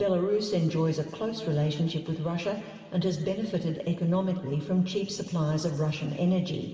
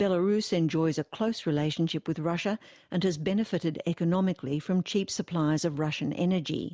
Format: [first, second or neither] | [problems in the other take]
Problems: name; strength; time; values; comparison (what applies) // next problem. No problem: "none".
second | room echo; dies away in 2.1 s